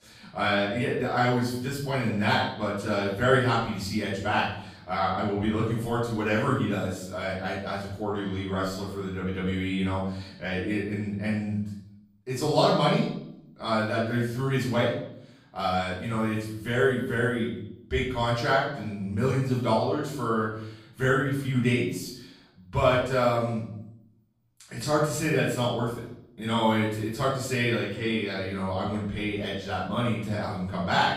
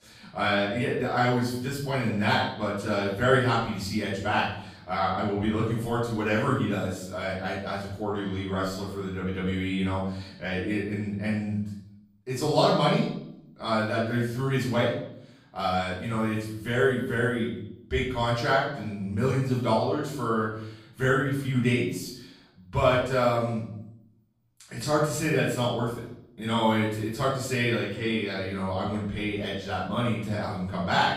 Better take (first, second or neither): neither